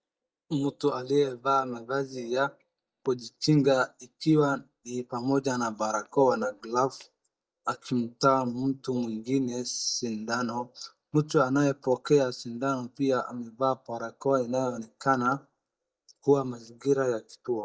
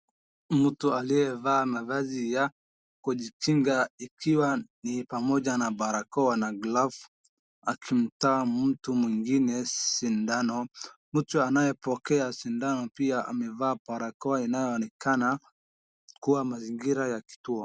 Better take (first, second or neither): second